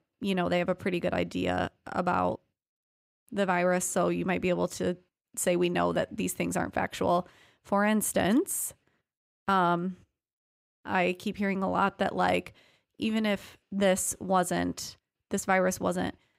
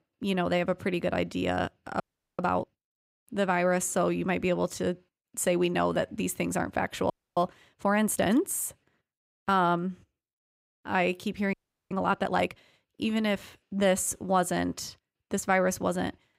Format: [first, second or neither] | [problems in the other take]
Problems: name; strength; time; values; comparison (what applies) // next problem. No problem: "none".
first | audio freezing; at 2 s, at 7 s and at 12 s